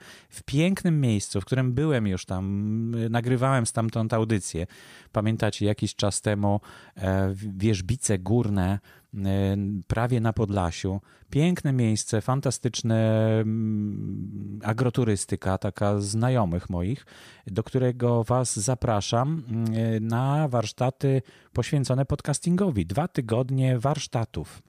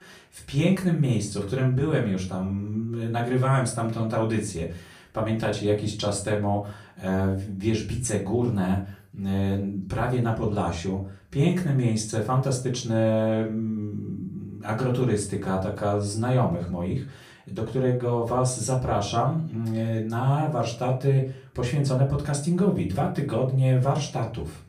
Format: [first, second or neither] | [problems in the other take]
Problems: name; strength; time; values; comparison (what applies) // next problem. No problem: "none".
first | room echo; slight; dies away in 0.3 s // off-mic speech; far